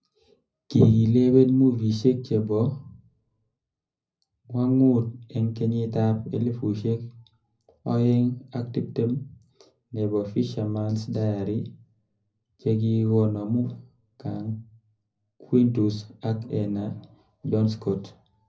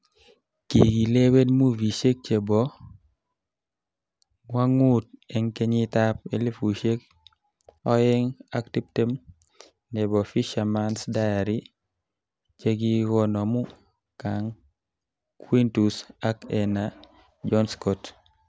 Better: second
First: room echo; dies away in 0.4 s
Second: none

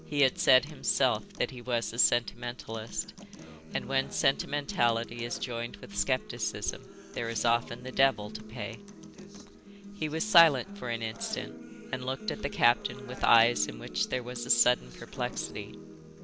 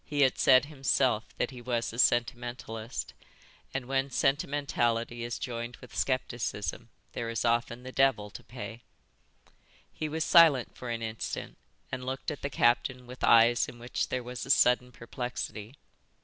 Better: second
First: background sound (Acoustic guitar); 14 dB below the speech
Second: none

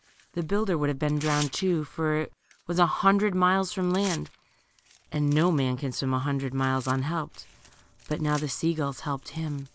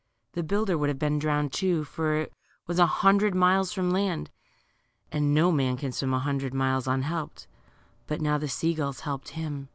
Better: second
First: background sound (Tearing); 20 dB below the speech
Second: none

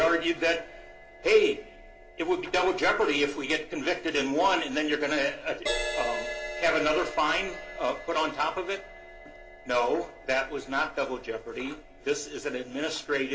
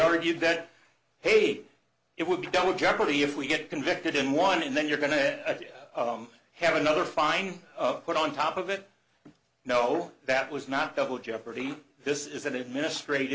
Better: second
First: background sound (Crash cymbal); 12 dB below the speech // room echo; dies away in 0.5 s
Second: none

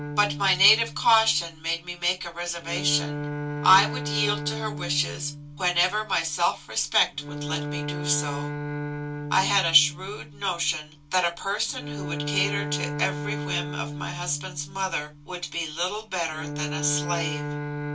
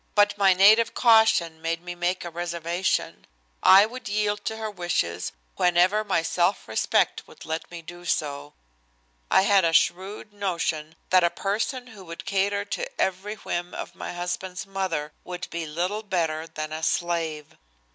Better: second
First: background sound (Bowed string instrument); 6 dB below the speech // room echo; dies away in 0.2 s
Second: none

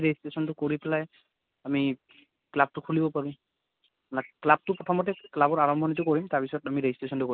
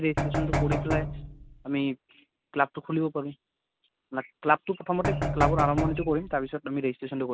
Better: first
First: none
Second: background sound (Knock); as loud as the speech

